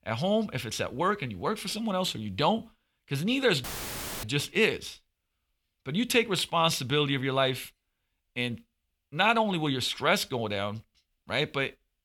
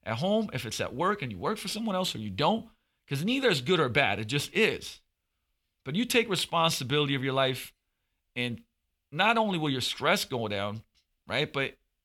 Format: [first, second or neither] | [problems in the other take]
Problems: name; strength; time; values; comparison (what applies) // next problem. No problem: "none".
second | audio cutting out; filled with static; at 3.5 s for 0.5 s